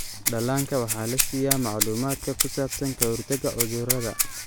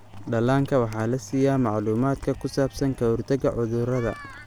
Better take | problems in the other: second | background sound (Rattle (instrument)); 1 dB below the speech

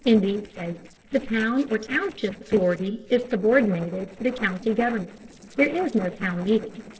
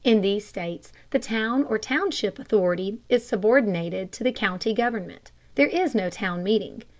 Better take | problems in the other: second | noise reduction (neural separator model SepFormer DNS4)

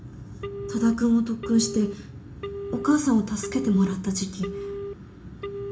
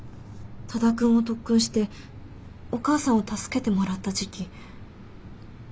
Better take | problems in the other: second | background sound (Telephone); 11 dB below the speech // room echo; dies away in 0.4 s

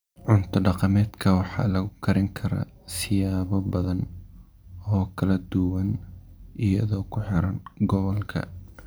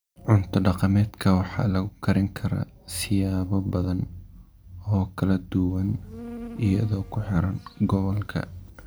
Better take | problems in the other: first | background sound (Insect); 17 dB below the speech

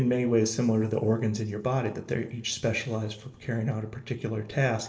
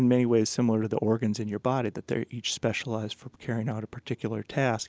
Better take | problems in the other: second | room echo; dies away in 1.3 s

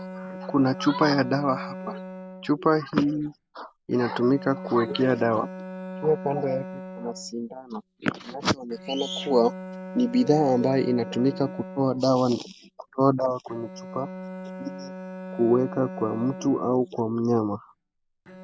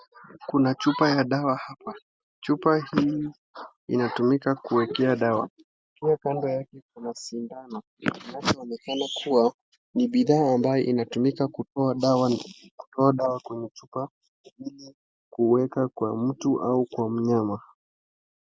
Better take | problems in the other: second | background sound (Bowed string instrument); 13 dB below the speech

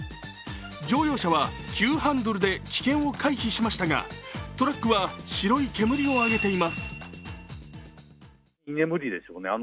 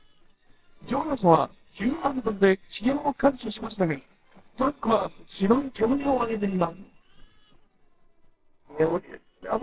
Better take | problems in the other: first | noise reduction (neural separator model SepFormer WHAMR!)

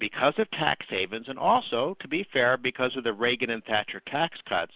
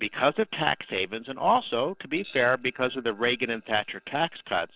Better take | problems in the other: first | noise reduction (neural separator model SepFormer DNS4)

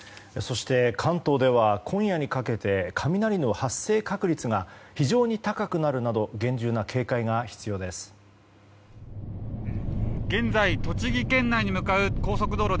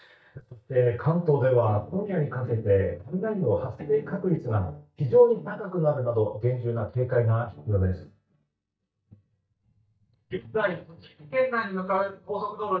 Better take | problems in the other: first | noise reduction (neural mask model DeepFilterNet 3)

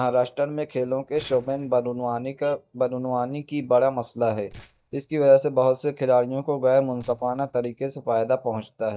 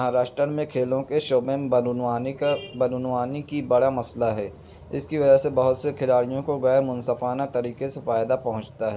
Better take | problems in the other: second | noise reduction (neural mask model DeepFilterNet 3)

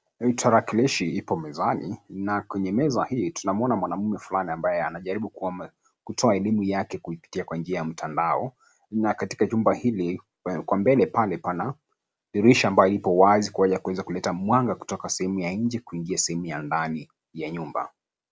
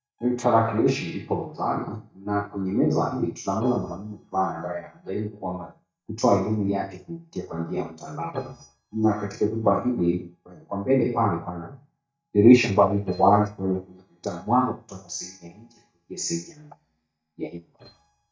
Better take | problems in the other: first | noise reduction (neural mask model DeepFilterNet 3)

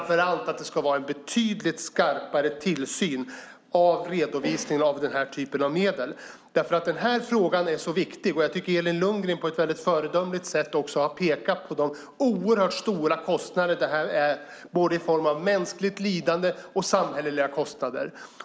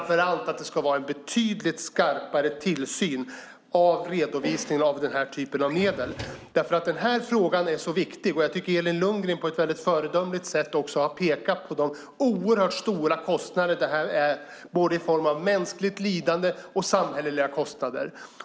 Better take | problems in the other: first | background sound (Drawer open or close); 15 dB below the speech

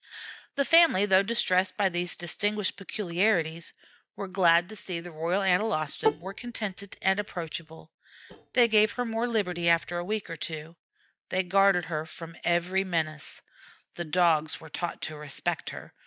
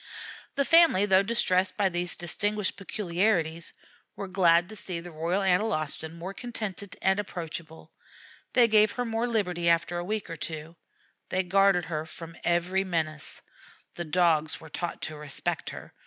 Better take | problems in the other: second | noise reduction (neural mask model DeepFilterNet 3)

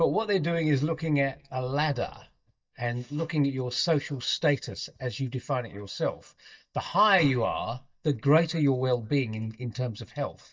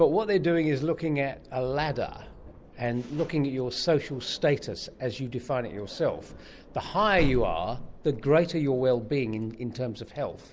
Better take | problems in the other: second | noise reduction (neural mask model DeepFilterNet 3)

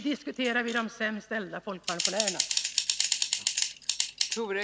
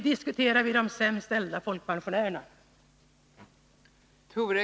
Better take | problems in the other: second | background sound (Typing); 2 dB above the speech

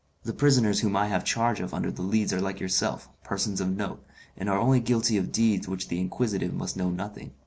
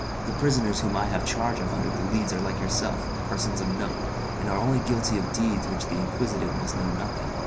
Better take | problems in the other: first | background sound (Cricket); 1 dB below the speech

